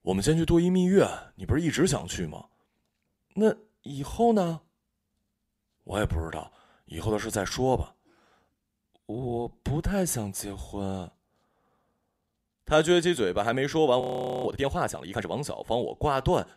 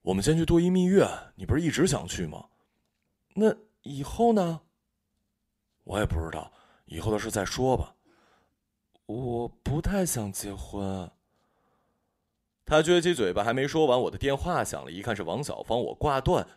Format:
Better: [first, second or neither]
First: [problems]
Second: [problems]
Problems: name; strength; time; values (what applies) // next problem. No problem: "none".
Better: second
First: audio freezing; at 14 s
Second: none